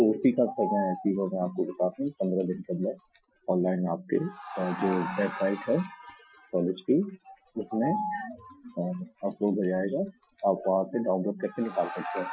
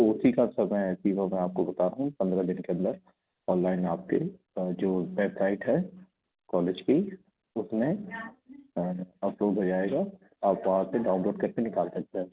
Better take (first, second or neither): second